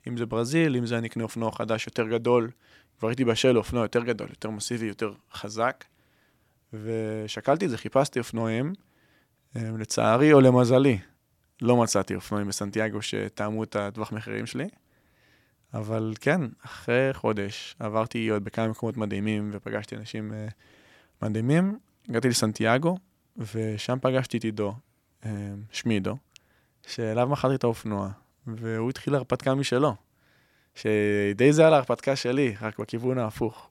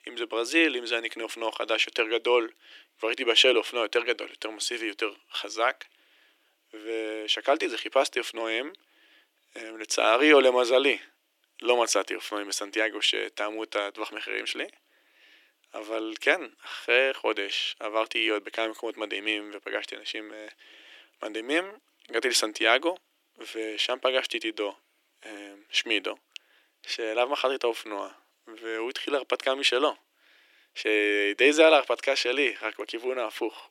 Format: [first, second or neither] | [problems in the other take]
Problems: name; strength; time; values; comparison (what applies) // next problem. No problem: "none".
first | thin; very; fading below 300 Hz